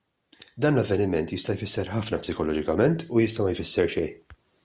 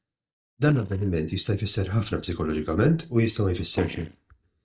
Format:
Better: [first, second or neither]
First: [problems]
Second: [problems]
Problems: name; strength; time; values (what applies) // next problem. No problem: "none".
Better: first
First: none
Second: noise reduction (neural mask model DeepFilterNet 3)